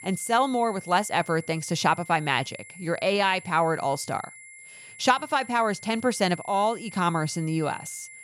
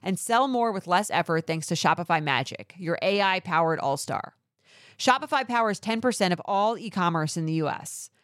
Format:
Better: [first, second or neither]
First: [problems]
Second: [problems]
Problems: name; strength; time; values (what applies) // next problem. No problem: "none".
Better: second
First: high-pitched whine; noticeable; throughout; 2 kHz, 20 dB below the speech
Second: none